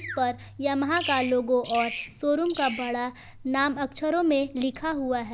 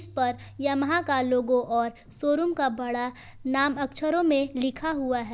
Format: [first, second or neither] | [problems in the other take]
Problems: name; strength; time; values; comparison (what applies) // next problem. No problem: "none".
second | background sound (Bird vocalization, bird call, bird song); 14 dB below the speech